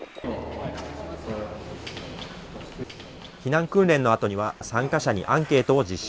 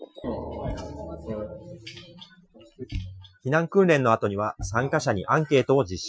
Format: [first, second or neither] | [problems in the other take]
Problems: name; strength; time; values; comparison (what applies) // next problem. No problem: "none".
first | noise reduction (classical method Wiener filter)